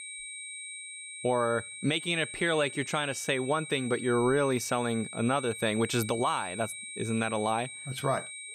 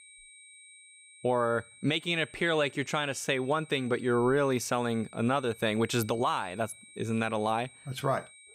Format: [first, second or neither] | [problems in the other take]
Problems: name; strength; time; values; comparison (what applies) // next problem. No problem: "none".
second | high-pitched whine; loud; throughout; 8.5 kHz, 9 dB below the speech; faint in the second